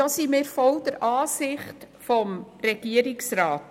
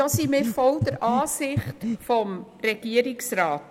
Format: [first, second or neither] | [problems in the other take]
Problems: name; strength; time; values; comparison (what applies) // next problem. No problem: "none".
first | background sound (Breathing); 4 dB below the speech